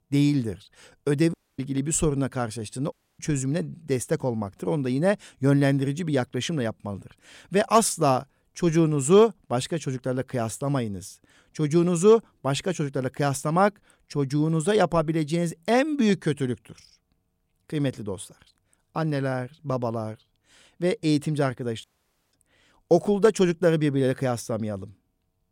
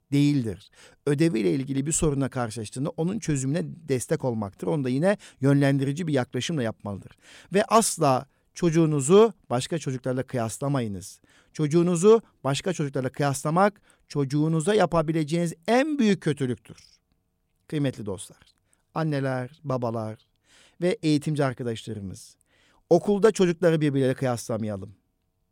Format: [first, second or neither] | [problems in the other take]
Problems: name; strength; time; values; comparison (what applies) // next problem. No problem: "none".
second | audio cutting out; at 1.5 s, at 3 s and at 22 s